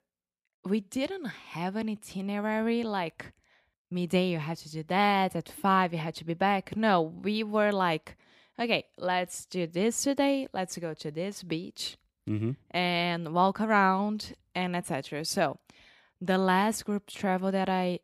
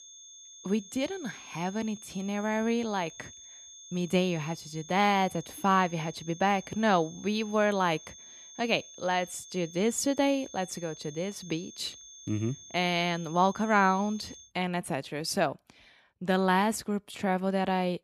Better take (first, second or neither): first